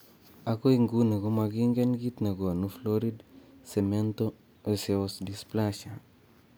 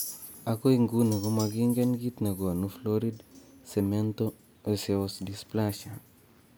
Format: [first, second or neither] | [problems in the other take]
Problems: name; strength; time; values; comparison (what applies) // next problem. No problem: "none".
first | background sound (Chink, clink); 18 dB below the speech